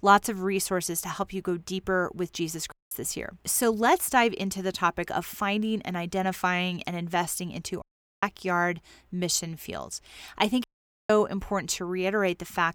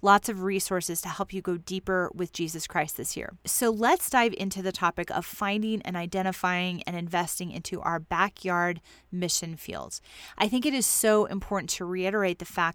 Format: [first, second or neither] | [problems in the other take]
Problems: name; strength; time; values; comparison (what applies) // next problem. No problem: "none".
second | audio cutting out; at 2.5 s, at 8 s and at 11 s